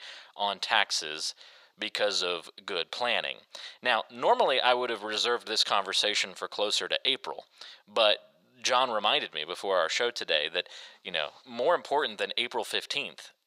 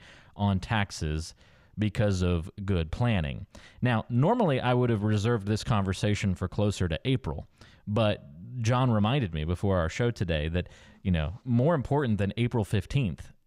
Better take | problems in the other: second | thin; very; fading below 550 Hz

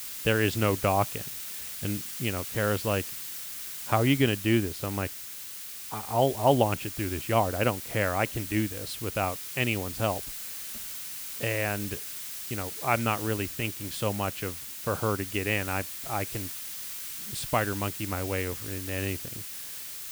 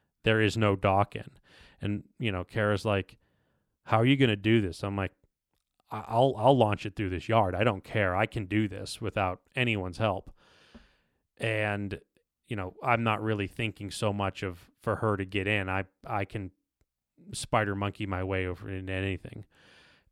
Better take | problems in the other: second | hiss; loud; throughout; 6 dB below the speech

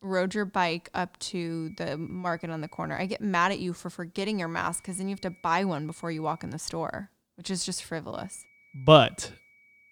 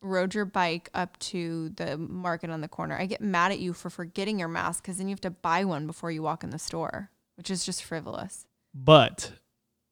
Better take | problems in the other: second | high-pitched whine; faint; from 1.5 to 3 s, from 4 to 6.5 s and from 8 s on; 2.5 kHz, 30 dB below the speech

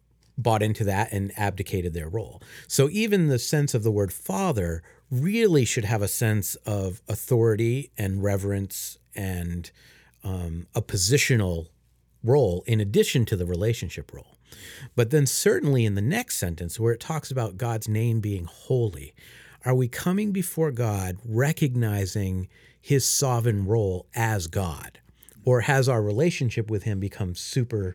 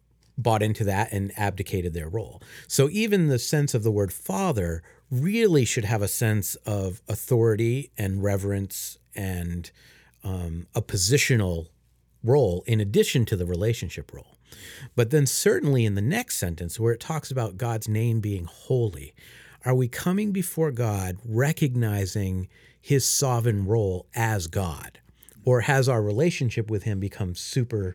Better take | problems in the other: neither | none

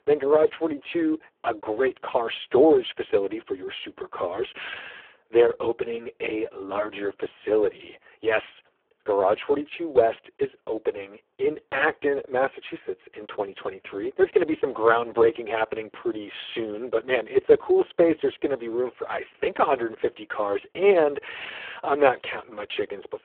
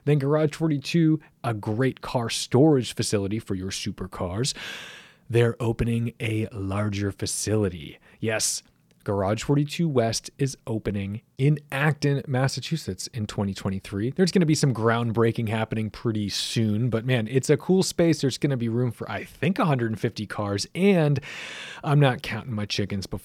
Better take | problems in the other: second | phone-call audio; poor line

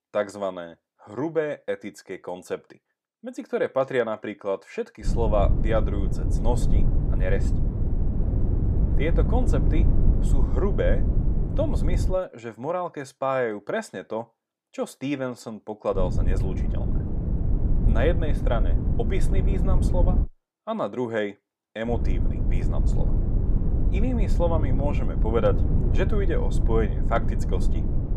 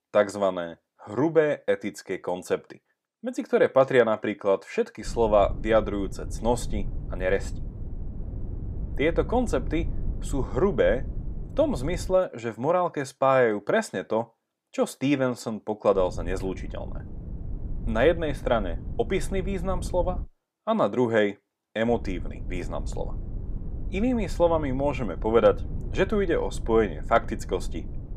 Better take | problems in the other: second | low rumble; loud; from 5 to 12 s, from 16 to 20 s and from 22 s on; 8 dB below the speech; faint in the second

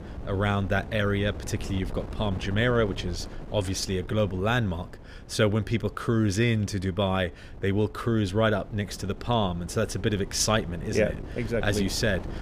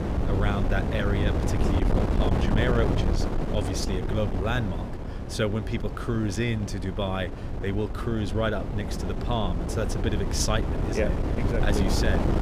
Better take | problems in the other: first | wind noise on the microphone; heavy; 3 dB below the speech; occasional gusts in the first

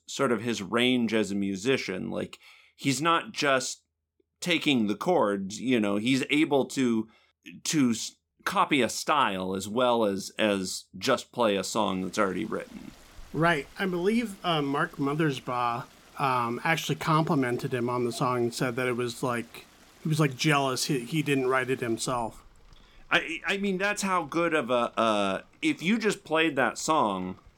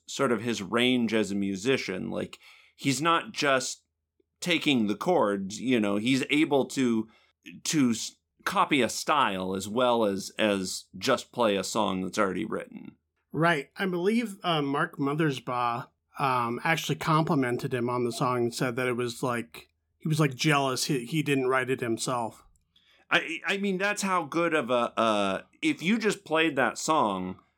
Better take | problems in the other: second | rain or running water; faint; from 12 s on; 25 dB below the speech

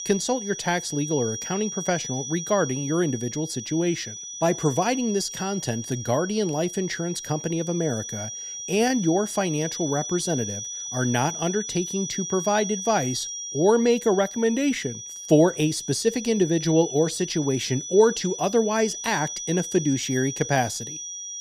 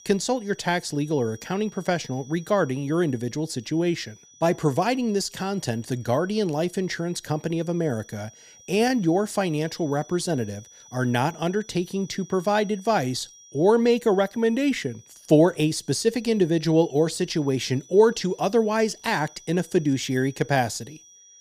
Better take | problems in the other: second | high-pitched whine; loud; throughout; 6 kHz, 8 dB below the speech; faint in the second

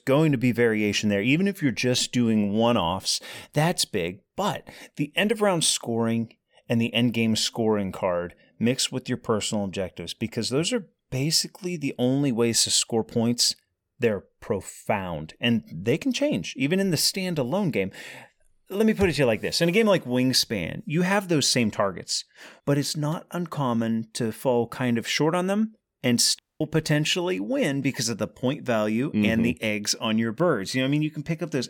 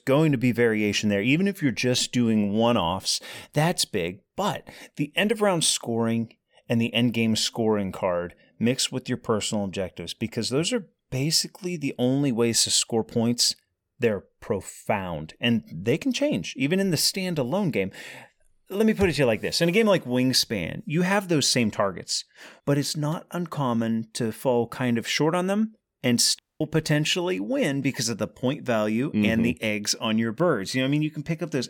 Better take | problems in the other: neither | audio cutting out; at 26 s; the same in both

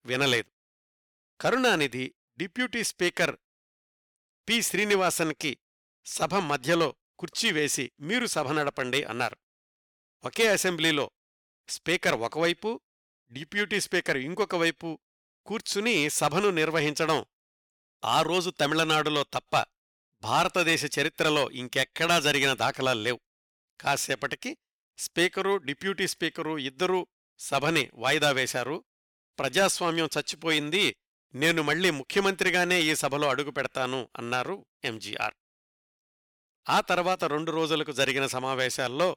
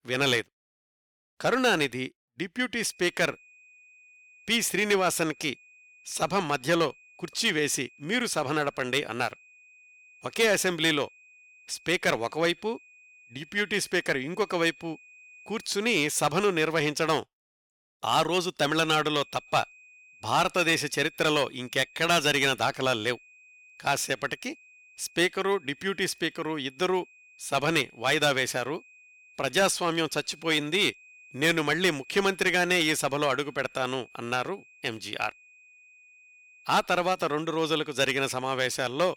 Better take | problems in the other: first | high-pitched whine; faint; from 3 to 16 s and from 19 s on; 2.5 kHz, 25 dB below the speech

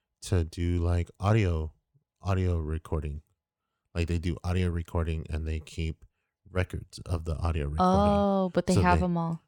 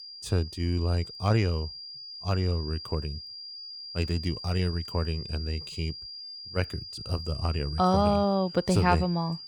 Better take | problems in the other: first | high-pitched whine; noticeable; throughout; 5 kHz, 10 dB below the speech

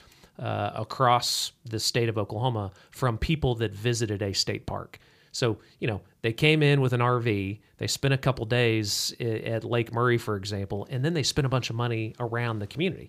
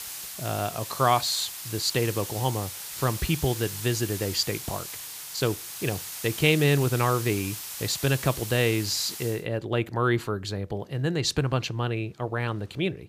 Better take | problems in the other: first | hiss; loud; until 9.5 s; 8 dB below the speech

